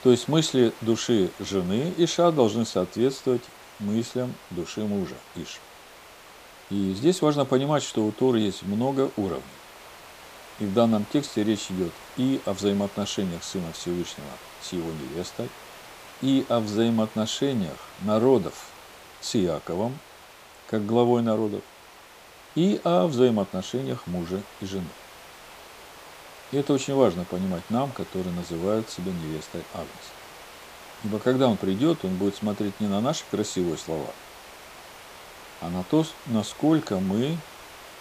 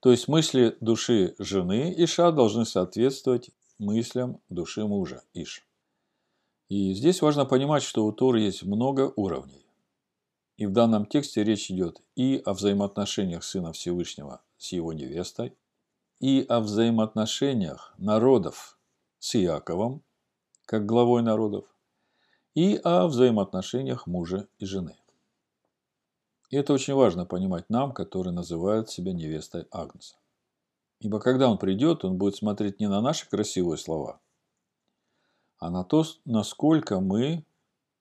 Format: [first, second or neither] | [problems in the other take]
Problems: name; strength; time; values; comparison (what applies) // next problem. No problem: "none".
second | hiss; noticeable; throughout; 20 dB below the speech